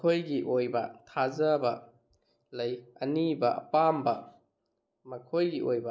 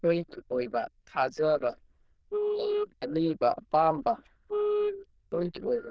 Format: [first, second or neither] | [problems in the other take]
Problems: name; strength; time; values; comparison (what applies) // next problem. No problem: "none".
first | noise reduction (neural diffusion model UNIVERSE++)